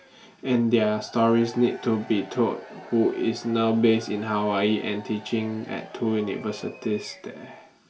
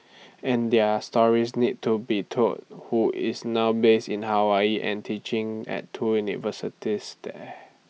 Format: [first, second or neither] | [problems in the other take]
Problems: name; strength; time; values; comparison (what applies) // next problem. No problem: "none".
second | background sound (Crowd / Cheering); 20 dB below the speech // room echo; dies away in 0.2 s